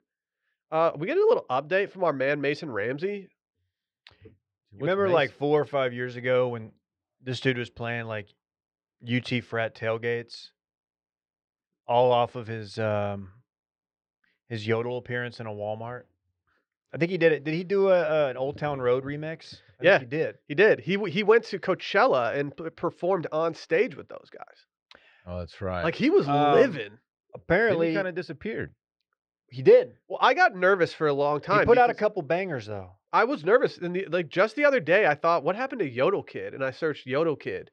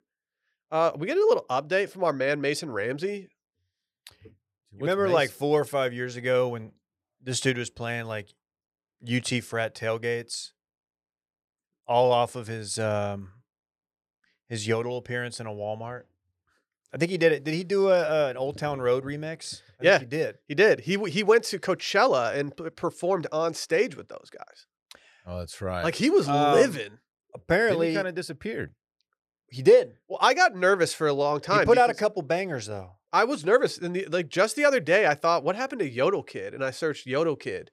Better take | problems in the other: second | muffled; slightly; fading above 3.5 kHz

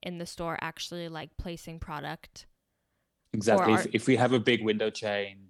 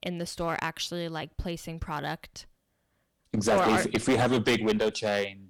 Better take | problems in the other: first | distortion; heavy; 6% of the sound clipped

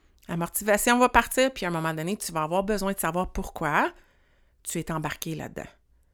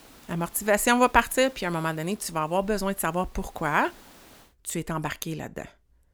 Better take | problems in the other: first | hiss; faint; until 4.5 s; 25 dB below the speech

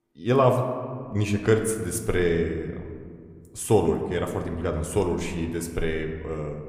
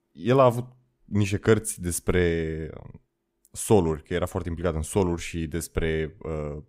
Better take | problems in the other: second | room echo; slight; dies away in 1.5 s

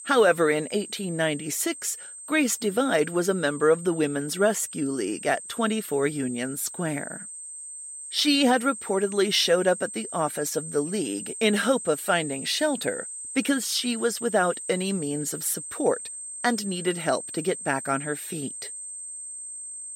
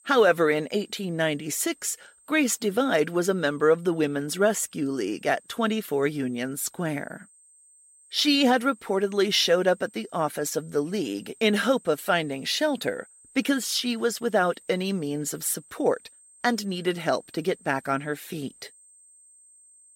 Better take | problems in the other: second | high-pitched whine; loud; throughout; 8.5 kHz, 10 dB below the speech; faint in the second

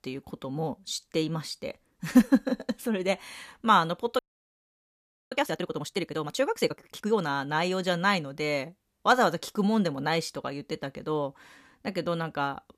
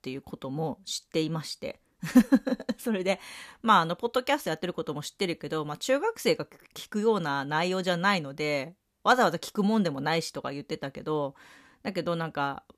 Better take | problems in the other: second | audio freezing; at 4 s for 1 s

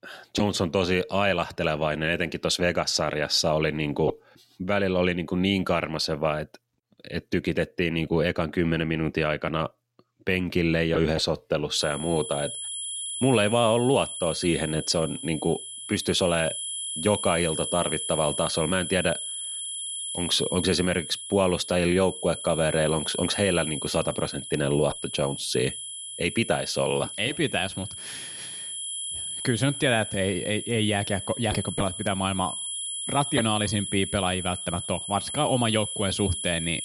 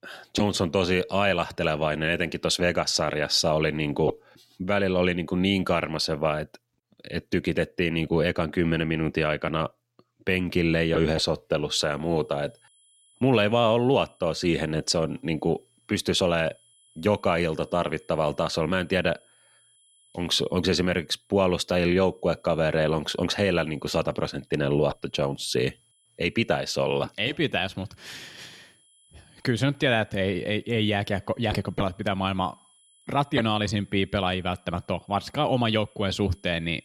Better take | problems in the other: second | high-pitched whine; loud; from 12 s on; 10 kHz, 6 dB below the speech; faint in the second

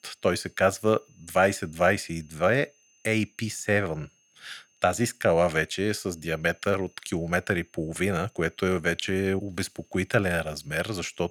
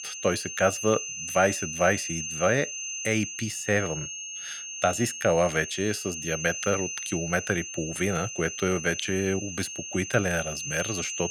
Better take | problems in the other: first | high-pitched whine; loud; throughout; 6.5 kHz, 6 dB below the speech; faint in the first

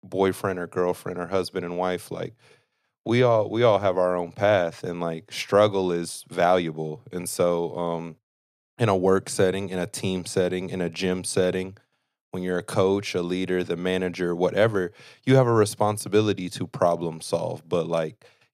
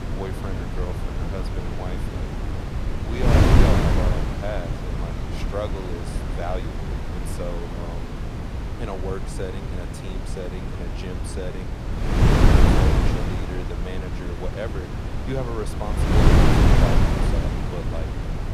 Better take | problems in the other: first | wind noise on the microphone; heavy; 5 dB above the speech

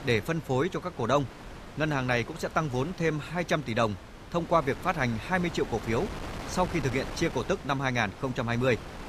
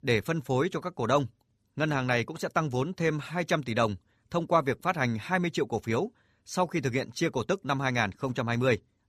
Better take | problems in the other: second | wind noise on the microphone; occasional gusts; 15 dB below the speech

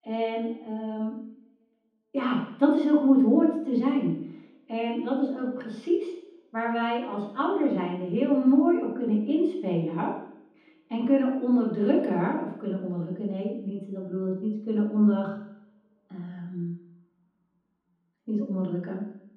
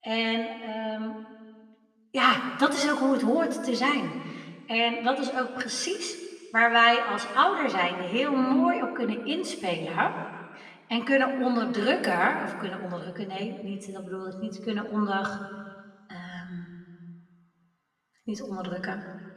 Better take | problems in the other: second | room echo; strong; dies away in 0.9 s; slight in the second // off-mic speech; far; somewhat distant in the second

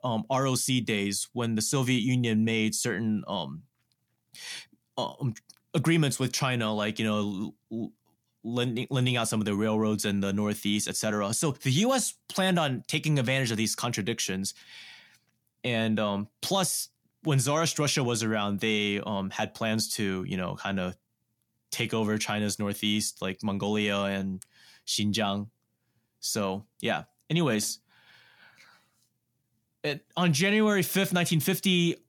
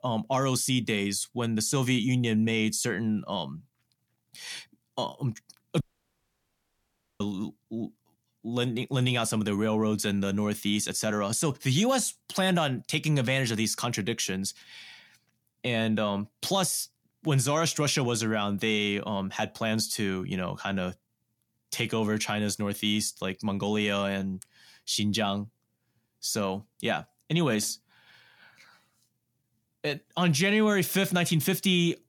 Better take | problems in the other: first | audio cutting out; at 6 s for 1.5 s

